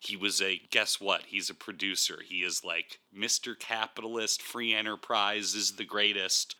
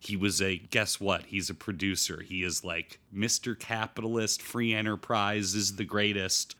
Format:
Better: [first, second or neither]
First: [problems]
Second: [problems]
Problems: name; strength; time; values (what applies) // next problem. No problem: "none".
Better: second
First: thin; somewhat; fading below 350 Hz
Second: none